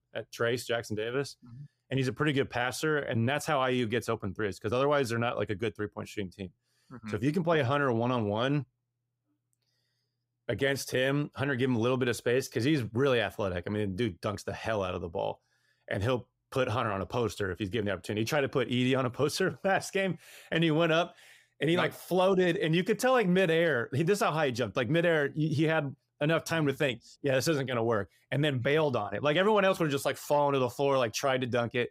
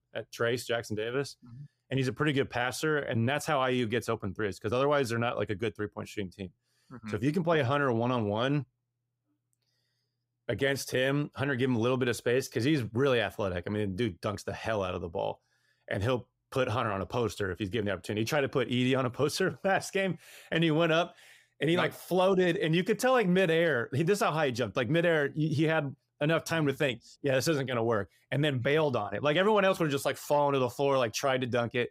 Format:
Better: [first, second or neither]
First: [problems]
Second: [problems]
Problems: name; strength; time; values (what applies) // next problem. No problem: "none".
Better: neither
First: none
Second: none